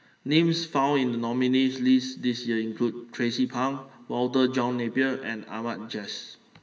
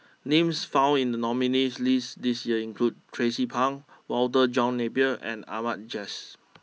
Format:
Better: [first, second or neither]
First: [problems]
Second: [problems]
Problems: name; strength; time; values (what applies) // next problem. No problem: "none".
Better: second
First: room echo; dies away in 1.7 s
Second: none